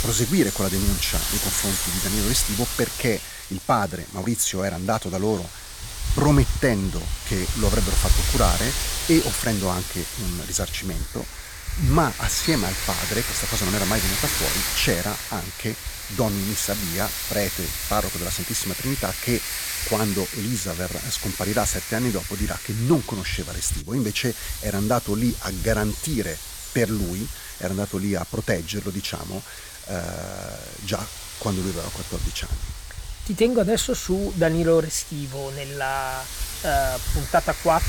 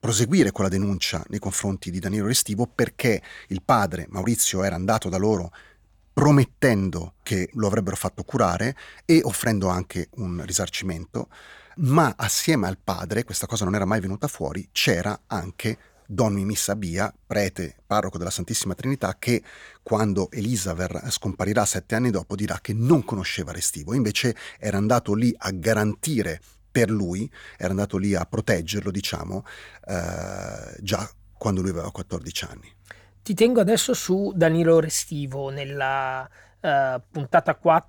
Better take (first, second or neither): second